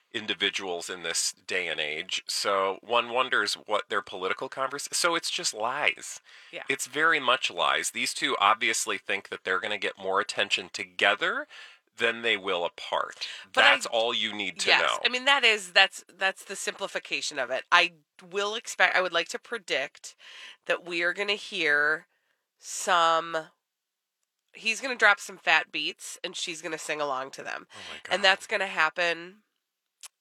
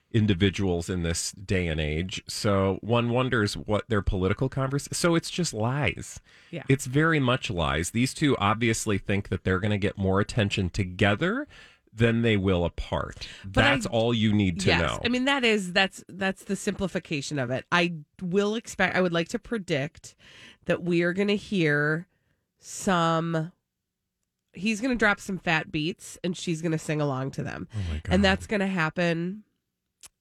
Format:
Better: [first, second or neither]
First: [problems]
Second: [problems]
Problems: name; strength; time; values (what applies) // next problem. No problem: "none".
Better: second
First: thin; very; fading below 750 Hz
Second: none